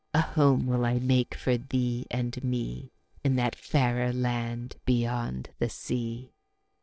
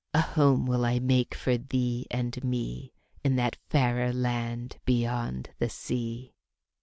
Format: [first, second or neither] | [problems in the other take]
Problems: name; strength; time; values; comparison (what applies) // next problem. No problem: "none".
second | noise reduction (neural separator model SepFormer DNS4)